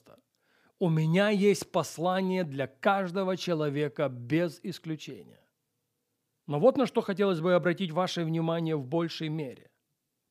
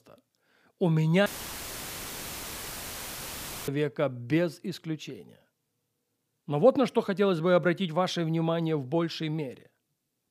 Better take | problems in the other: first | audio cutting out; filled with static; at 1.5 s for 2.5 s

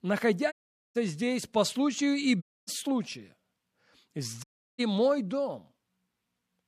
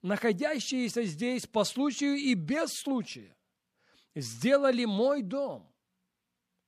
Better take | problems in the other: second | audio cutting out; at 0.5 s, at 2.5 s and at 4.5 s

